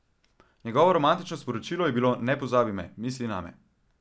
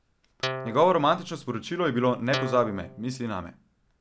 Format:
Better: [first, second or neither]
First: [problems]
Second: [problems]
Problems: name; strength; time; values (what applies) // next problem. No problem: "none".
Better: first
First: none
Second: background sound (Guitar); 8 dB below the speech